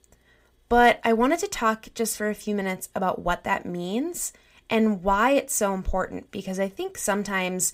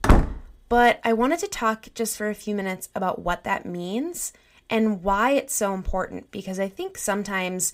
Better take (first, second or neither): first